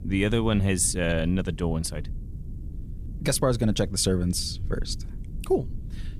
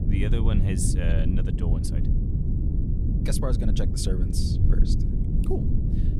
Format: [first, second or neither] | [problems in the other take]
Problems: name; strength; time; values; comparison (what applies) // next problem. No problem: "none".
first | low rumble; loud; throughout; 2 dB below the speech; faint in the first